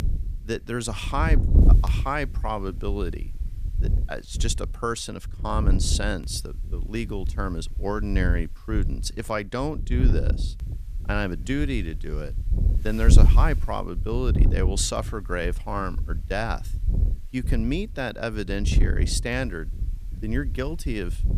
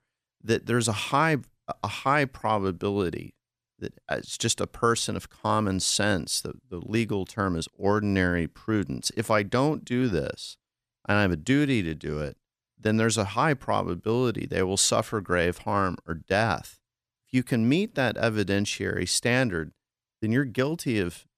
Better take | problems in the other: second | wind noise on the microphone; occasional gusts; 10 dB below the speech

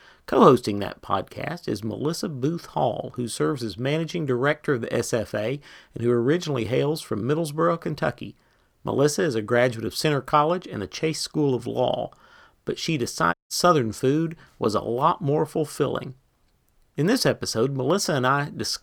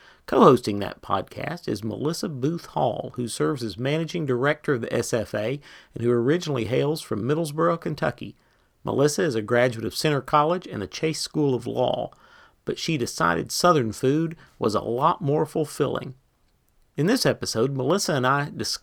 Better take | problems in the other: second | audio cutting out; at 13 s

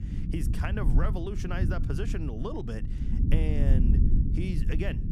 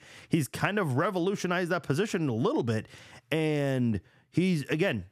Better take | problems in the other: second | low rumble; loud; throughout; 4 dB below the speech

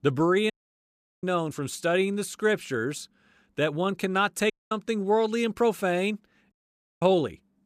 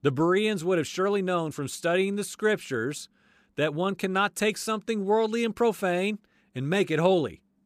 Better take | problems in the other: second | audio cutting out; at 0.5 s for 0.5 s, at 4.5 s and at 6.5 s

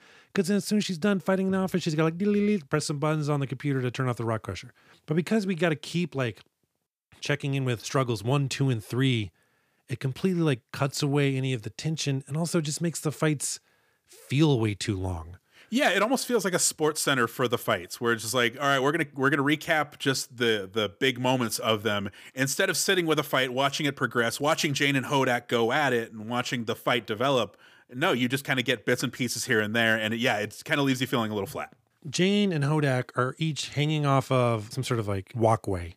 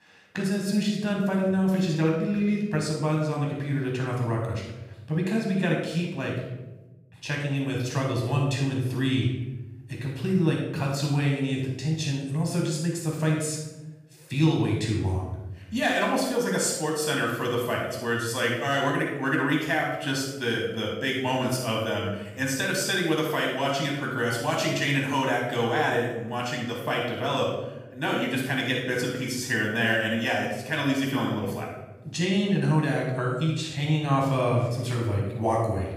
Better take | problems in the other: first | off-mic speech; far // room echo; noticeable; dies away in 0.9 s

